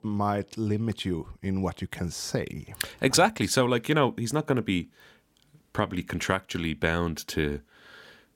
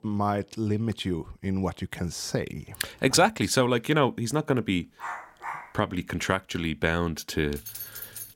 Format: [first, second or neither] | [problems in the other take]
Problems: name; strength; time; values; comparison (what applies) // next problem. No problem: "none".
first | dog barking; faint; at 5 s; peak 10 dB below the speech // jangling keys; noticeable; at 7.5 s; peak 9 dB below the speech